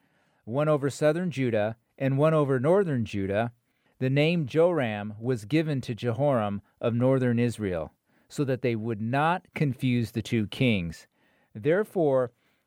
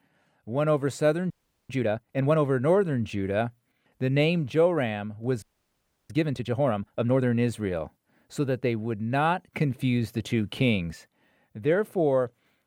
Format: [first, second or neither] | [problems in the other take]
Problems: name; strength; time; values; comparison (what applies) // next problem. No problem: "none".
first | audio freezing; at 1.5 s and at 5.5 s for 0.5 s